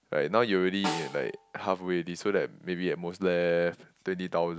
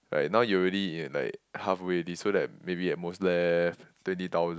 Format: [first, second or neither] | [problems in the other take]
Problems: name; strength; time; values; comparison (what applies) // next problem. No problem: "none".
second | background sound (Snare drum); 12 dB below the speech